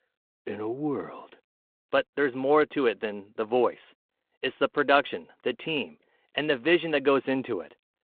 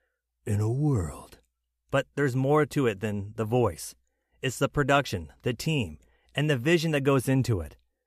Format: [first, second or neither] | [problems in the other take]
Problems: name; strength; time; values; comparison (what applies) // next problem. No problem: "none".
second | phone-call audio